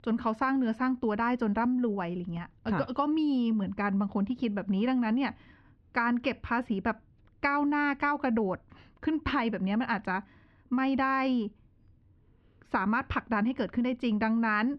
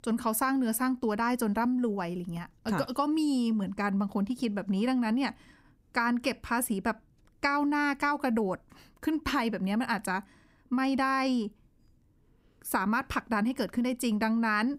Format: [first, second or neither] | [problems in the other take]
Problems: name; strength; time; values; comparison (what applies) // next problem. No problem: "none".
second | muffled; slightly; fading above 3.5 kHz